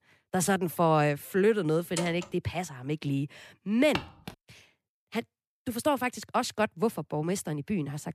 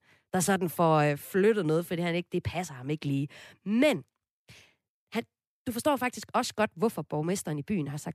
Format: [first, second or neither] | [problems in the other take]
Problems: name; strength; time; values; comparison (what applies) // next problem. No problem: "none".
second | door banging; noticeable; at 2 s; peak 8 dB below the speech // footsteps; noticeable; at 4 s; peak 7 dB below the speech